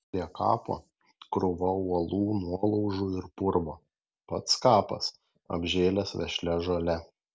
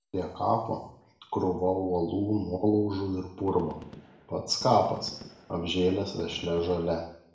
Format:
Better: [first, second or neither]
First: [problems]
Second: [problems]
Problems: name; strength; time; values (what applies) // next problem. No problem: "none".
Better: first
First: none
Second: background sound (Gunshot, gunfire); 19 dB below the speech // room echo; dies away in 0.6 s